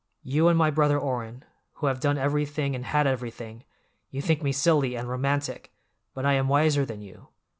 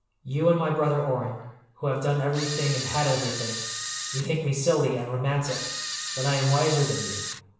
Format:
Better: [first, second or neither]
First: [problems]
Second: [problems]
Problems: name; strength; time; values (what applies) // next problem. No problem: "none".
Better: first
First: none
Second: background sound (Camera); 6 dB below the speech // room echo; dies away in 0.8 s